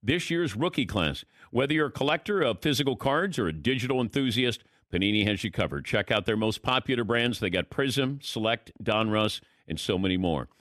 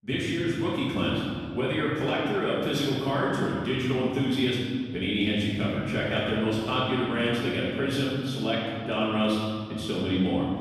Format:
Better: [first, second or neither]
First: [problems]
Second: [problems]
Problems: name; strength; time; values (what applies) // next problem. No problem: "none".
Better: first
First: none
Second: room echo; strong; dies away in 2.1 s // off-mic speech; far